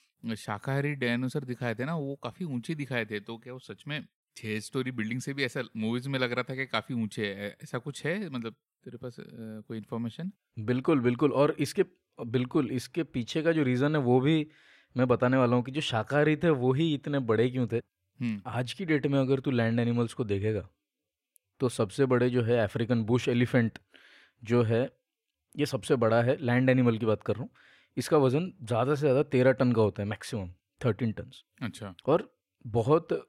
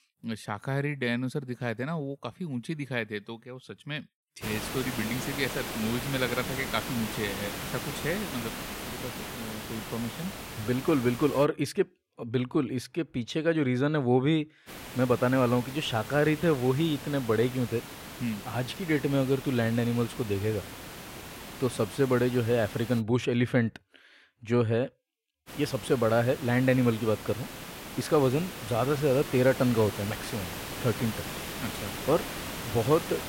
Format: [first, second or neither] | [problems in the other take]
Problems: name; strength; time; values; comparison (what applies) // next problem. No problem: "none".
first | hiss; loud; from 4.5 to 11 s, from 15 to 23 s and from 25 s on; 9 dB below the speech